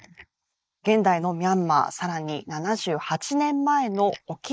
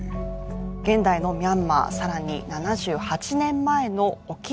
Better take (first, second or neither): second